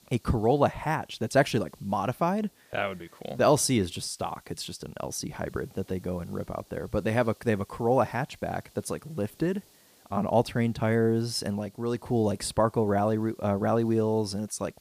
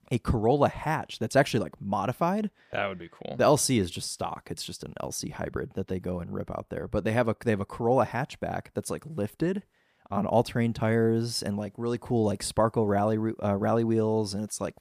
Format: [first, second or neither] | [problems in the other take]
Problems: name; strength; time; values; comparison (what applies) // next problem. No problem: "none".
second | hiss; faint; throughout; 30 dB below the speech